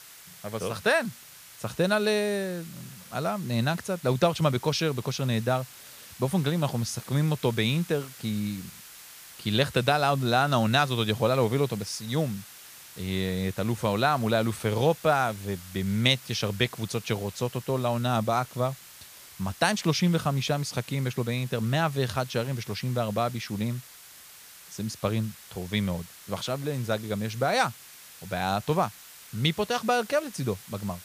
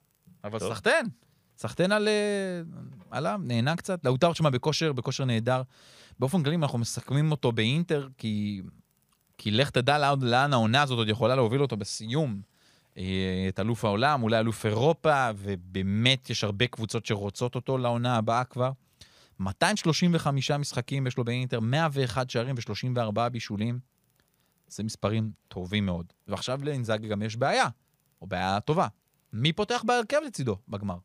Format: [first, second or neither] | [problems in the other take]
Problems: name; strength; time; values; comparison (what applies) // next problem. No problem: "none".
second | hiss; noticeable; throughout; 20 dB below the speech